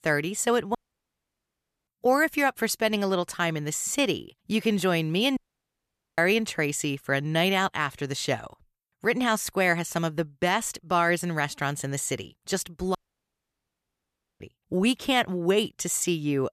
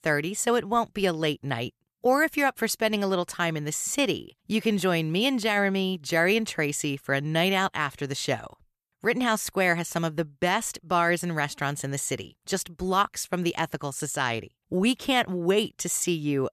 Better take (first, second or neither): second